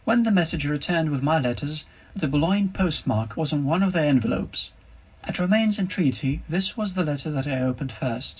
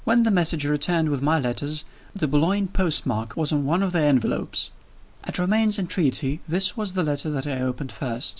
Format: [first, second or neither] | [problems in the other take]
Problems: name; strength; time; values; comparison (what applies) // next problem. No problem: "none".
second | room echo; dies away in 0.4 s